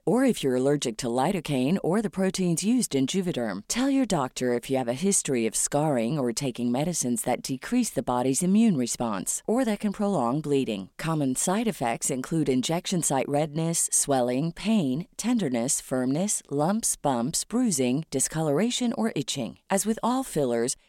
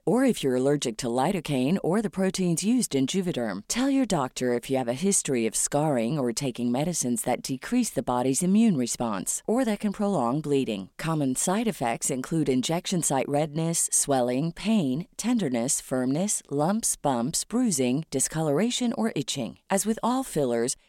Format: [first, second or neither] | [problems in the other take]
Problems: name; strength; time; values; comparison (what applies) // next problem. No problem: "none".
neither | none